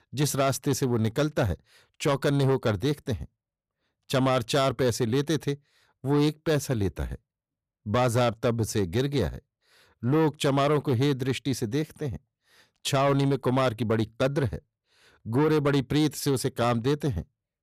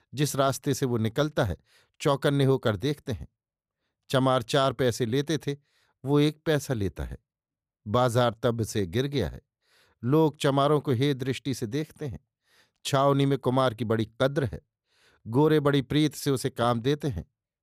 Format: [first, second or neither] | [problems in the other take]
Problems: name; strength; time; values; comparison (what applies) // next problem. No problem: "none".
second | distortion; slight; 10 dB below the speech